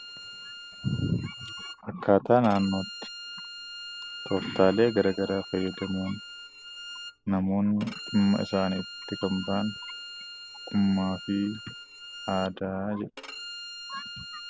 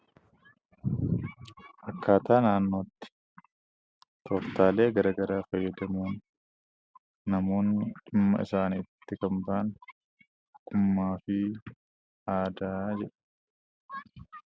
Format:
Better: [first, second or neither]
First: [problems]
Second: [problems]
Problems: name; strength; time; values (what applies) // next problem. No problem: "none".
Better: second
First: background sound (Bowed string instrument); 13 dB below the speech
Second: none